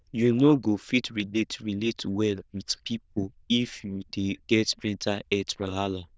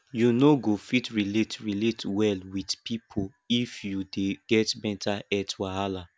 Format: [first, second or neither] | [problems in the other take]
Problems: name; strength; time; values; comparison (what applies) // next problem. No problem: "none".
second | noise reduction (neural diffusion model UNIVERSE++)